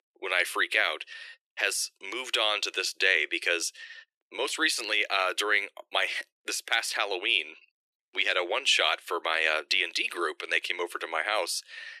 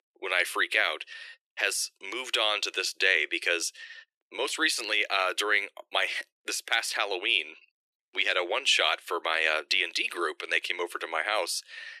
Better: neither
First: thin; very; fading below 350 Hz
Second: thin; very; fading below 350 Hz

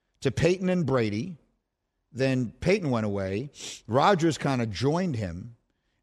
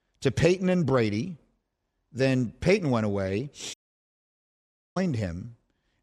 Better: first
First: none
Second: audio cutting out; at 3.5 s for 1 s

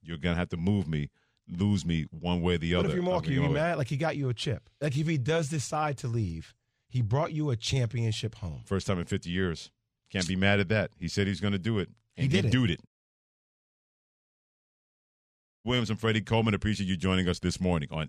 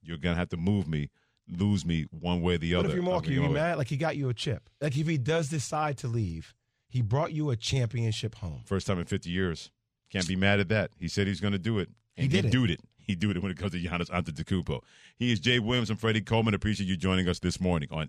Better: second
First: audio cutting out; at 13 s for 3 s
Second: none

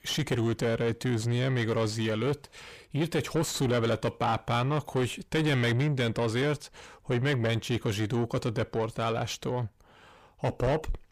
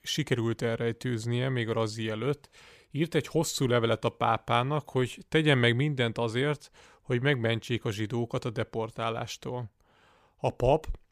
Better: second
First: distortion; heavy; 7 dB below the speech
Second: none

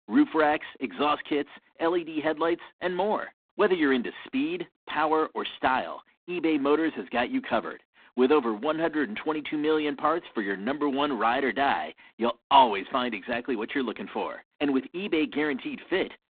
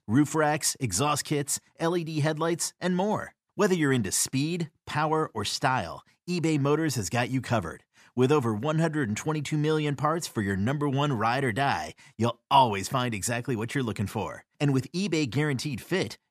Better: second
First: phone-call audio; poor line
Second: none

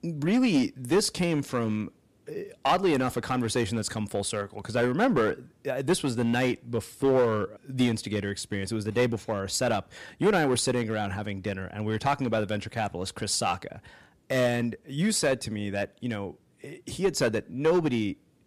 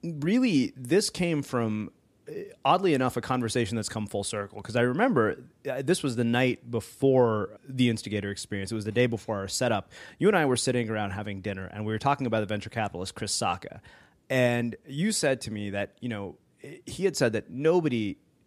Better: second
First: distortion; slight; 4% of the sound clipped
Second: none

